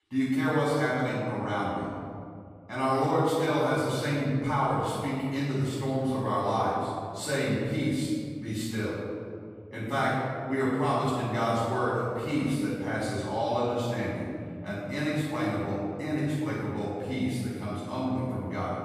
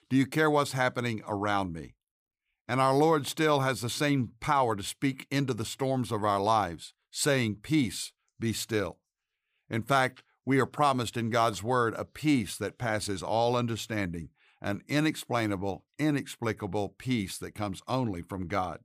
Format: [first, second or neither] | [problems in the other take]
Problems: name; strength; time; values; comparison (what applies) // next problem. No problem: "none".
second | off-mic speech; far // room echo; strong; dies away in 2.2 s